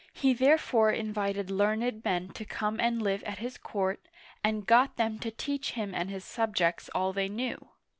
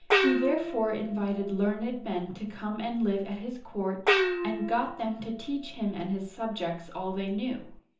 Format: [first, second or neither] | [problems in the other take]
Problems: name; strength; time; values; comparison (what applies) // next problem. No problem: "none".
first | background sound (Gong); 2 dB below the speech // room echo; dies away in 0.6 s